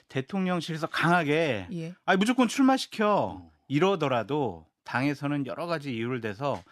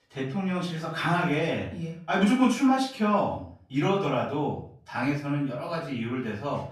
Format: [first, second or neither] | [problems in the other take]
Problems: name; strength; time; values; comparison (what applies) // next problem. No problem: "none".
first | off-mic speech; far // room echo; noticeable; dies away in 0.4 s